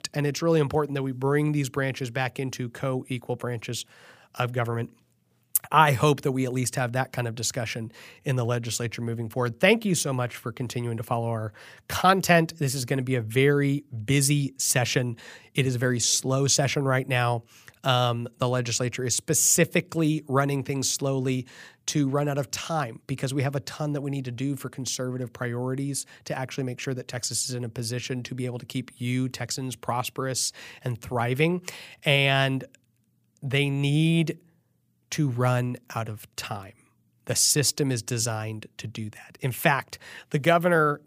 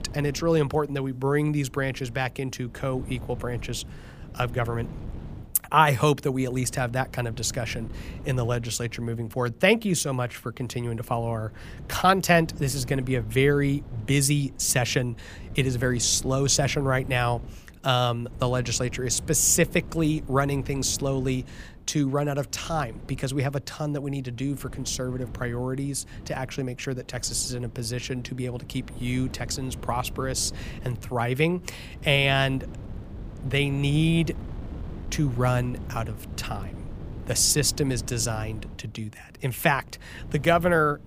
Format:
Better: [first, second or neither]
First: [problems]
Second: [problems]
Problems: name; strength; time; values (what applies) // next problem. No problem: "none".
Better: first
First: none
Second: wind noise on the microphone; occasional gusts; 20 dB below the speech